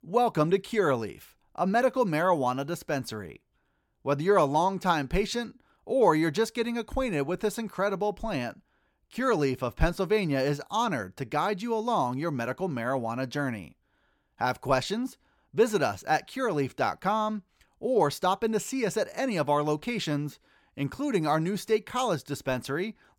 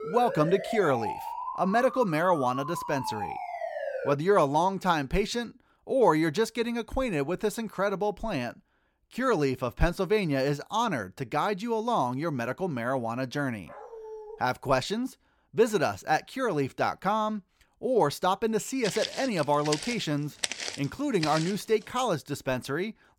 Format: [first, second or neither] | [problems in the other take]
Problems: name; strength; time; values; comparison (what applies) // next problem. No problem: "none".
first | siren; noticeable; until 4 s; peak 6 dB below the speech // dog barking; faint; at 14 s; peak 15 dB below the speech // footsteps; noticeable; from 19 to 22 s; peak 3 dB below the speech